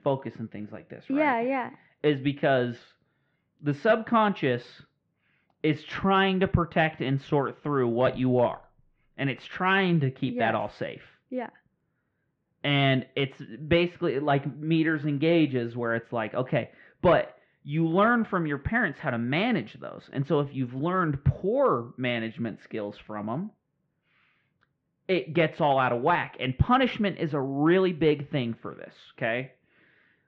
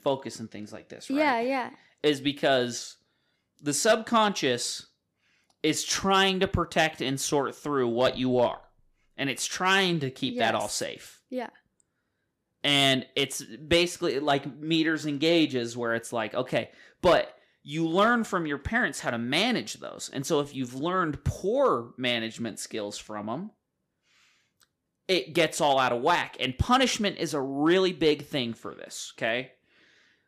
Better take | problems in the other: second | muffled; very; fading above 2.5 kHz

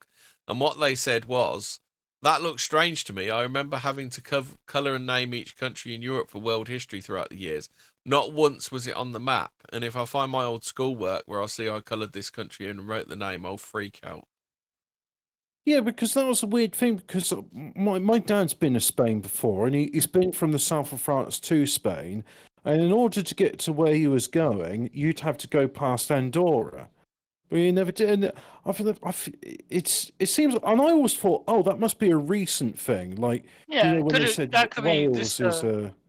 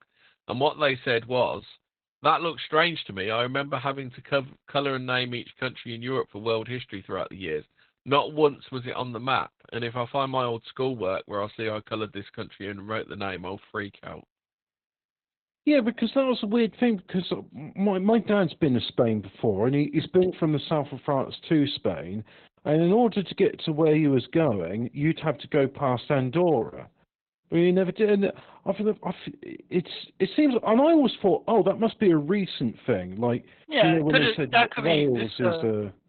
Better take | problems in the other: first | garbled, watery; badly; nothing above 4 kHz; slightly in the first

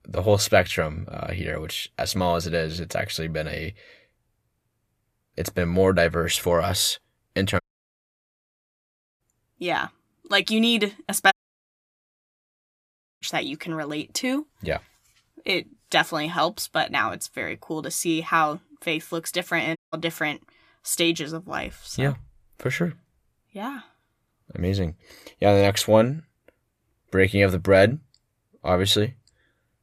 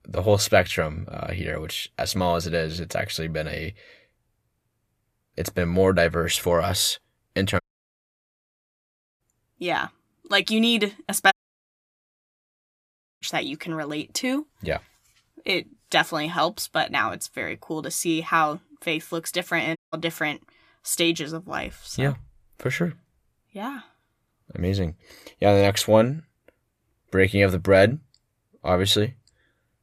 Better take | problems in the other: neither | audio cutting out; at 7.5 s for 1.5 s, at 11 s for 2 s and at 20 s; the same in both

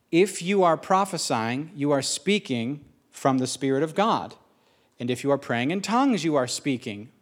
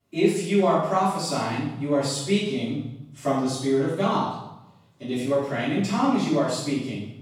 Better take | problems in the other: first | off-mic speech; far // room echo; strong; dies away in 0.8 s

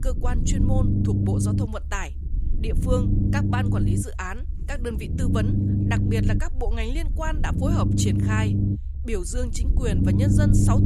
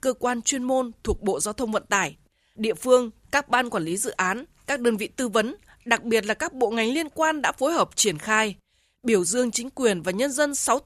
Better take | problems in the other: second | low rumble; loud; throughout; 1 dB below the speech

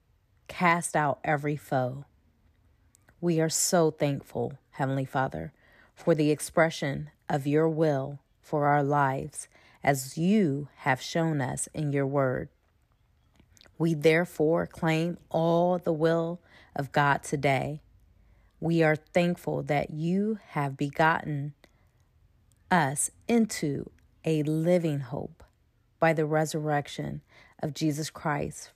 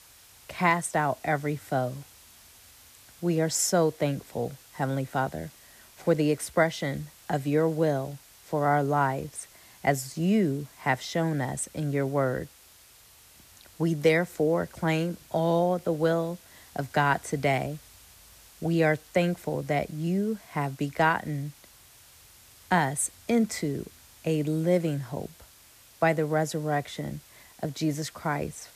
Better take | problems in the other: first | hiss; faint; throughout; 25 dB below the speech

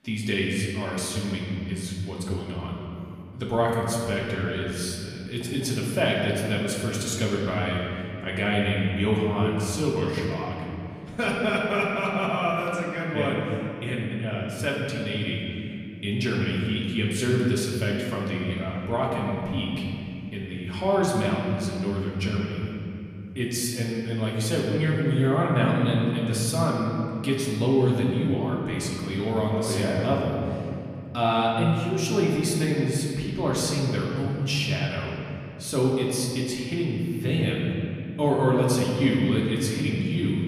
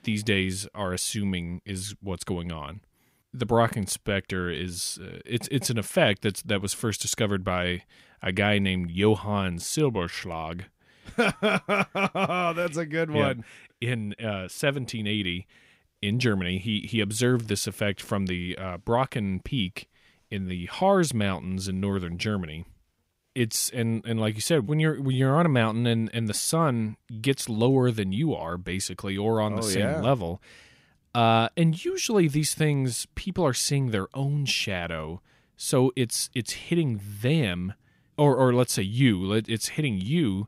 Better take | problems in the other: second | room echo; noticeable; dies away in 2.7 s // off-mic speech; far

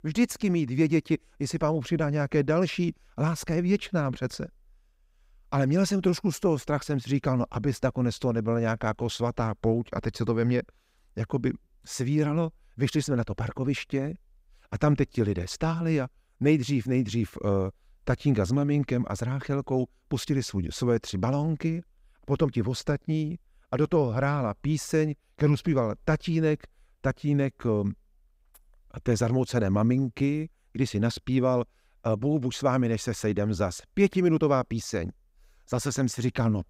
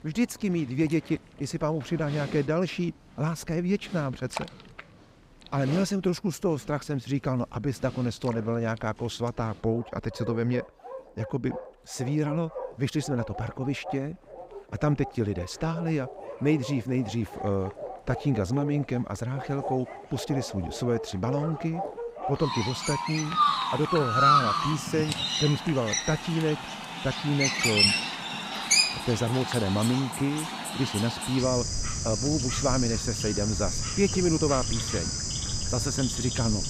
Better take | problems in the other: first | animal sounds; loud; throughout; as loud as the speech

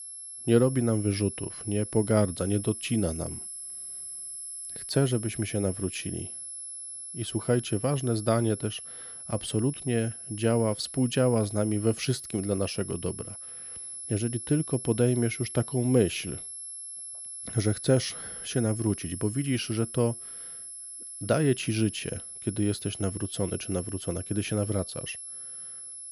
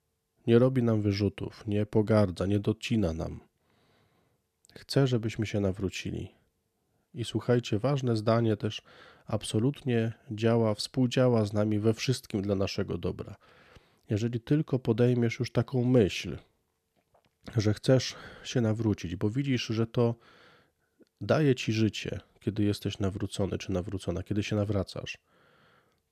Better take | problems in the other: second | high-pitched whine; loud; throughout; 11 kHz, 9 dB below the speech

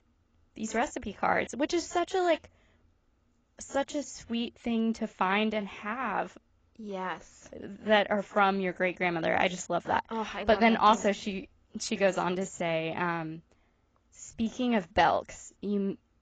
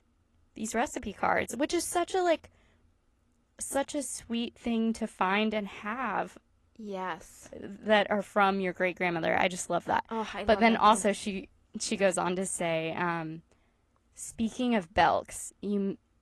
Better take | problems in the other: second | garbled, watery; badly; nothing above 7.5 kHz; slightly in the second

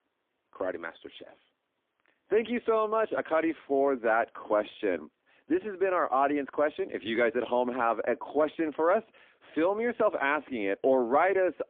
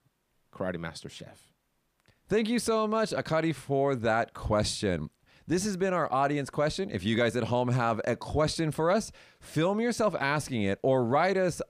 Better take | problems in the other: second | phone-call audio; poor line; nothing above 3.5 kHz

